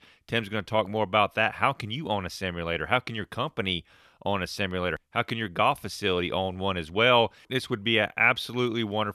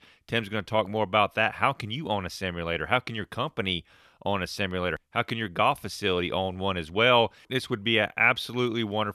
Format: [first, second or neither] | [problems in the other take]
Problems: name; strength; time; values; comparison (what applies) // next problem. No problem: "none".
neither | none